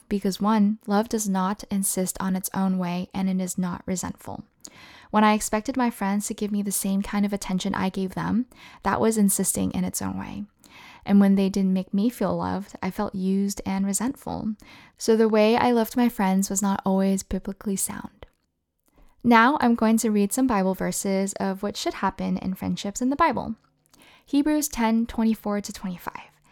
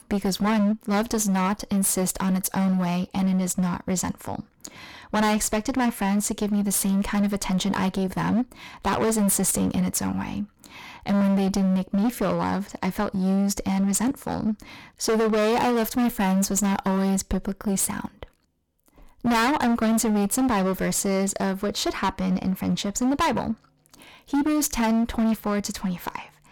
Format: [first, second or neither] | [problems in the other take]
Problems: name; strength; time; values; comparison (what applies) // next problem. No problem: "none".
first | distortion; heavy; 20% of the sound clipped